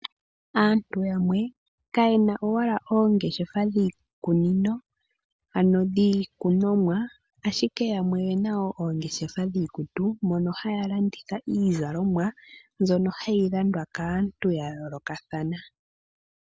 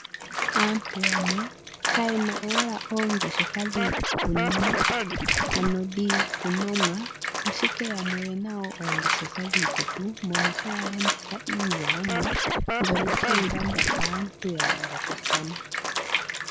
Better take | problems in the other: first | background sound (Scratching (performance technique) + Bathtub (filling or washing) / Water); 3 dB above the speech

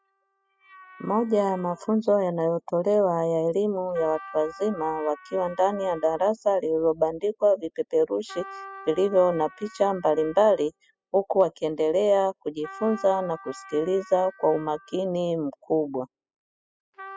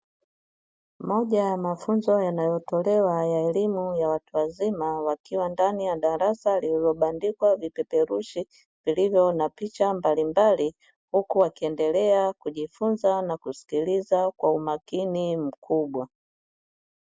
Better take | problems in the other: second | noise reduction (classical method spectral subtraction)

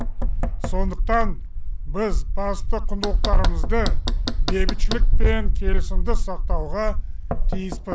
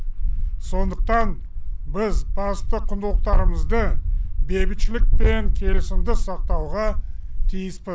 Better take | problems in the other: second | background sound (Knock); 16 dB below the speech

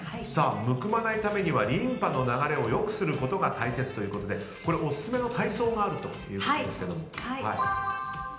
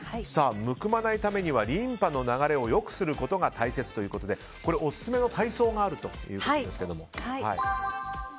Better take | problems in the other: second | room echo; dies away in 0.9 s

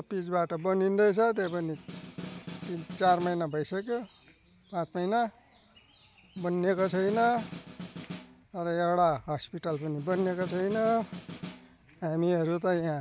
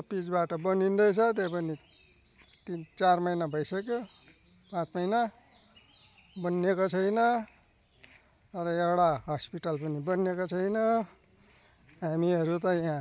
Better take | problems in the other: second | background sound (Snare drum); 13 dB below the speech

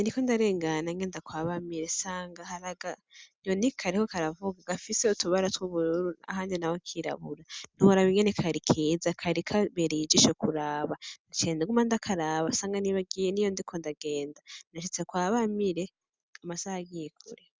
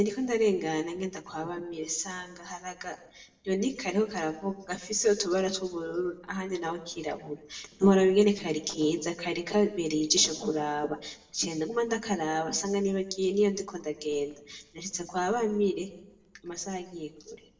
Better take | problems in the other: first | noise reduction (neural separator model SepFormer DNS4)

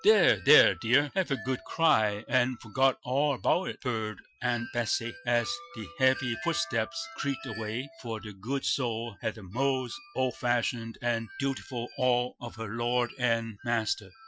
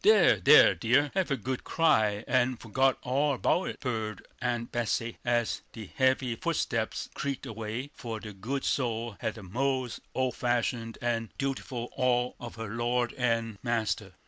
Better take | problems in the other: second | noise reduction (classical method Wiener filter)

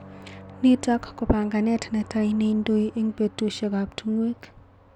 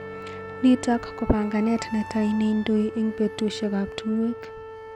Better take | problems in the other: first | background sound (Wind instrument, woodwind instrument); 13 dB below the speech

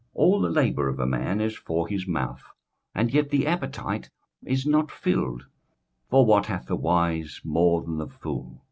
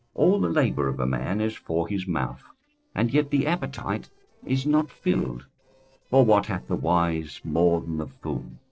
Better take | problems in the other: first | noise reduction (neural separator model SepFormer DNS4)

